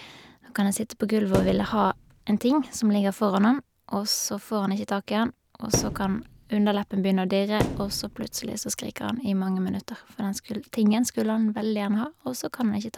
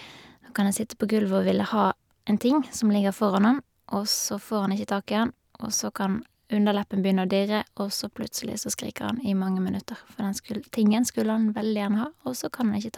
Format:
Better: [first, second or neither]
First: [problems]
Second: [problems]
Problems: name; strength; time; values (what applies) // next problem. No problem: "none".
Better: second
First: background sound (Thump, thud); 7 dB below the speech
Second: none